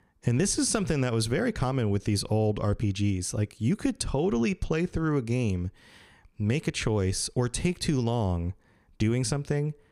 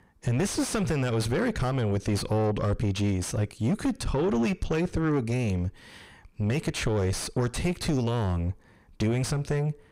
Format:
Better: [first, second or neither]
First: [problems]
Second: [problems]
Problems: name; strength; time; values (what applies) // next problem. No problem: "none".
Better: first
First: none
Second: distortion; heavy; 6 dB below the speech